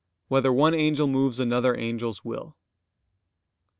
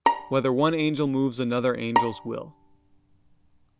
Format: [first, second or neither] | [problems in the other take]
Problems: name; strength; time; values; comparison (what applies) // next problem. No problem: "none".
first | background sound (Bowed string instrument); 4 dB below the speech